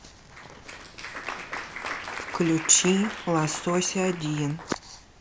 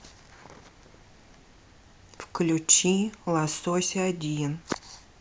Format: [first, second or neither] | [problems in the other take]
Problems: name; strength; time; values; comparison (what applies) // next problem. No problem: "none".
second | background sound (Applause); 11 dB below the speech